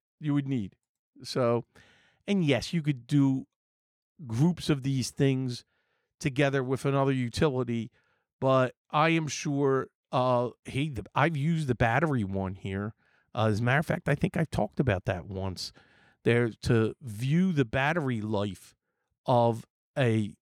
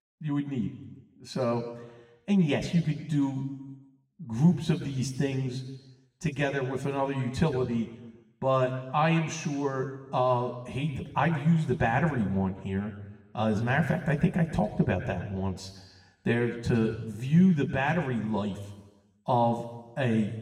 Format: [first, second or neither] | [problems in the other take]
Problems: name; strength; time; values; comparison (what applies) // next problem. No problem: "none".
first | room echo; slight; dies away in 1.1 s // off-mic speech; somewhat distant